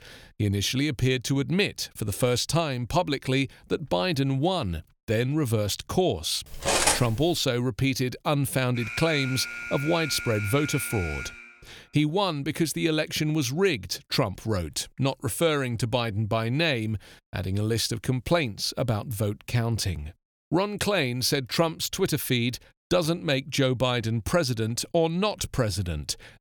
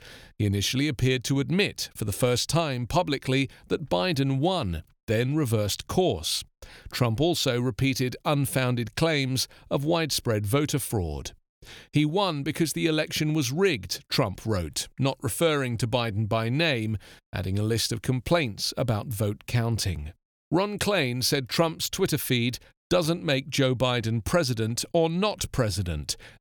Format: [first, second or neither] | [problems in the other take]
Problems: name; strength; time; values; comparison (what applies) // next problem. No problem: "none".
second | clattering dishes; loud; at 6.5 s; peak 5 dB above the speech // alarm; noticeable; from 8.5 to 12 s; peak 7 dB below the speech